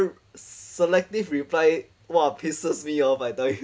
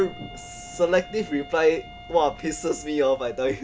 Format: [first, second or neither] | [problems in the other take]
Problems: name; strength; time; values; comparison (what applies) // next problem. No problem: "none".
first | background sound (Thunder + Wind instrument, woodwind instrument); 16 dB below the speech